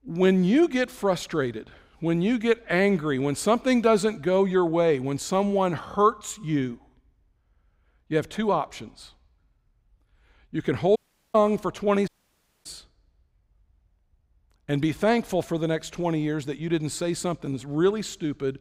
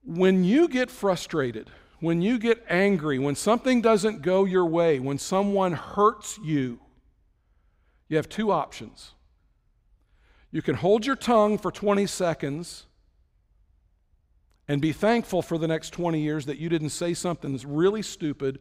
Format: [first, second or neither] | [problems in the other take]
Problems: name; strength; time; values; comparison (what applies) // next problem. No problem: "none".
second | audio cutting out; at 11 s and at 12 s for 0.5 s